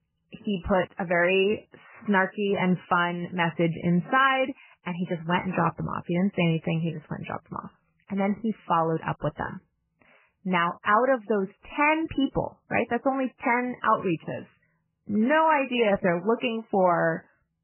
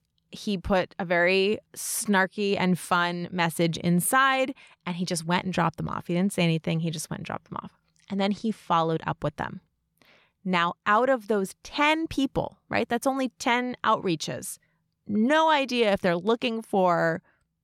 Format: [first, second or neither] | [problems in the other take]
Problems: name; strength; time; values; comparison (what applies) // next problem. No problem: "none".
second | garbled, watery; badly; nothing above 3 kHz